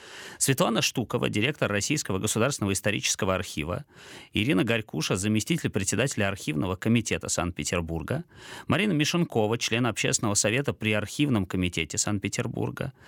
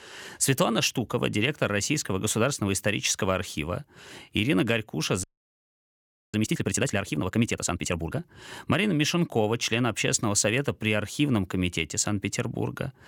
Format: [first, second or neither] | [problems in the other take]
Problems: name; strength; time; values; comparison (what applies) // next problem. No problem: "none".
first | audio freezing; at 5 s for 1 s